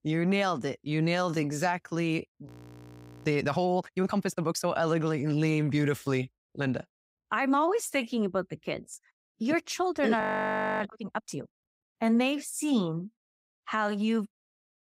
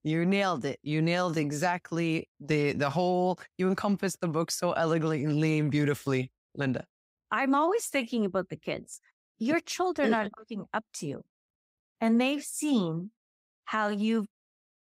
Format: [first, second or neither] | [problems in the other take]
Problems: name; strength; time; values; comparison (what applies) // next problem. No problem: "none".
second | audio freezing; at 2.5 s for 1 s and at 10 s for 0.5 s